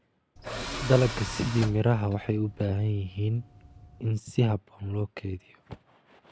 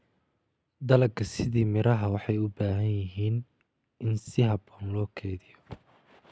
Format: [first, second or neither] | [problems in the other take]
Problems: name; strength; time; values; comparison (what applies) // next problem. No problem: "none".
second | background sound (Tools); 11 dB below the speech